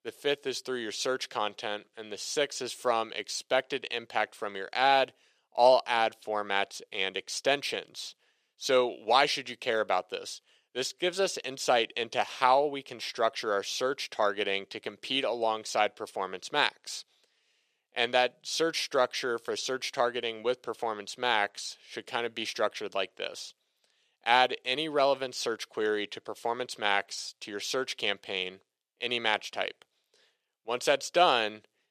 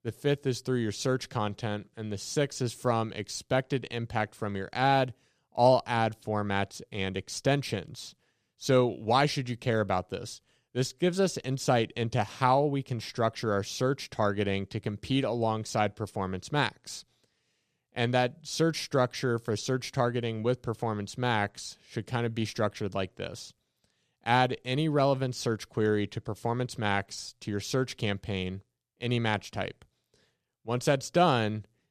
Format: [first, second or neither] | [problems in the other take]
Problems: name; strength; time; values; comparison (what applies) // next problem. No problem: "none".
second | thin; very; fading below 500 Hz